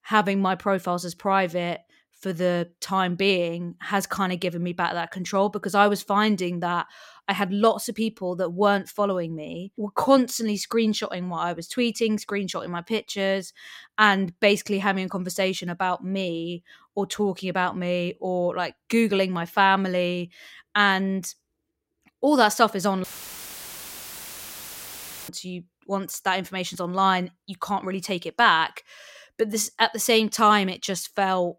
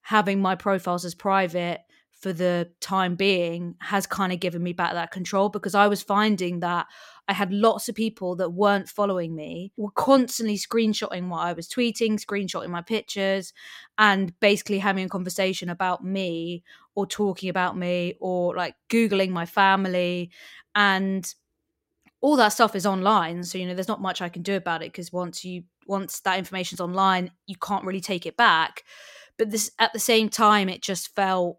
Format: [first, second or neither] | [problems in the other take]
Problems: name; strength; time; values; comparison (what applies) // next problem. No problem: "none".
second | audio cutting out; filled with static; at 23 s for 2.5 s